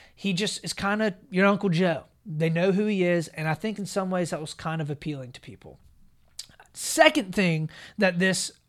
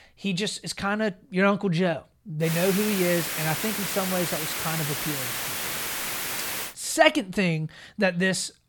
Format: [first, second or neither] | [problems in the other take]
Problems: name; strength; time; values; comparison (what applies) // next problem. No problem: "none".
first | hiss; loud; from 2.5 to 6.5 s; 2 dB below the speech